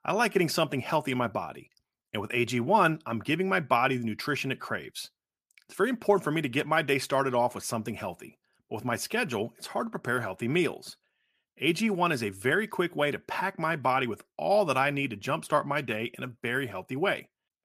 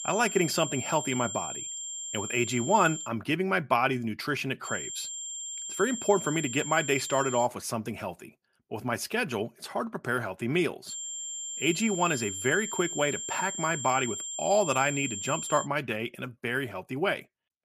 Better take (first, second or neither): first